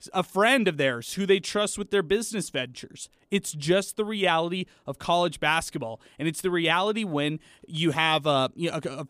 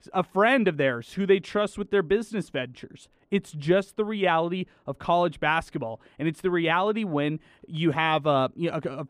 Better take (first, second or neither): first